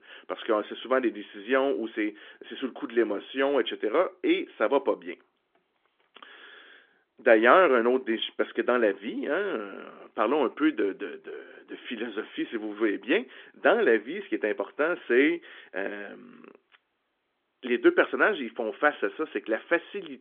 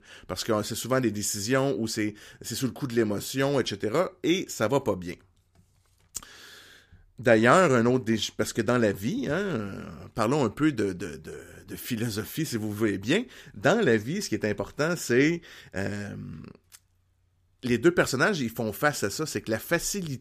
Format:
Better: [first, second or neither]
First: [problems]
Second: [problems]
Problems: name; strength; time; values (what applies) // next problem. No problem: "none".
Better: second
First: phone-call audio; nothing above 3.5 kHz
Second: none